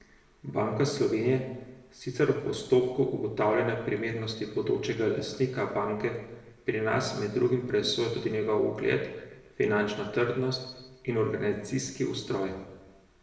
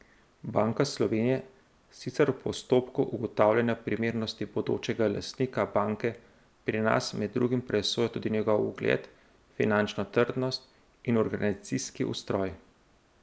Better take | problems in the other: second | room echo; dies away in 0.9 s

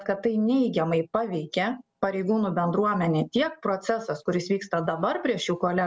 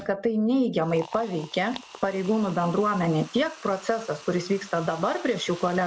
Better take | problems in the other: first | background sound (Liquid); 19 dB below the speech

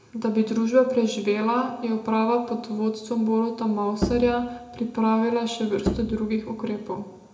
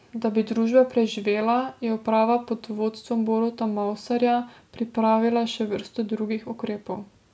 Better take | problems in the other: second | background sound (Bowed string instrument); 8 dB below the speech // room echo; dies away in 0.6 s

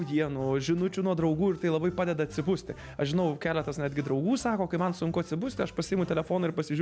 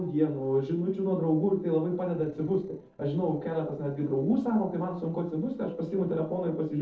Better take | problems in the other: first | noise reduction (neural separator model SepFormer DNS4)

